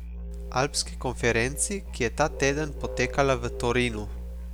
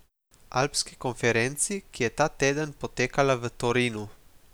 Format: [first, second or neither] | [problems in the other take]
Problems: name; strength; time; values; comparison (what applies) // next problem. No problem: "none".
second | background sound (Musical instrument); 8 dB below the speech